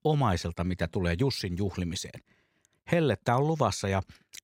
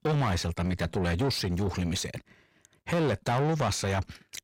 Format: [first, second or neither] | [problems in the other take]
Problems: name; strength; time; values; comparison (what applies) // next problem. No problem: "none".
first | distortion; heavy; 7 dB below the speech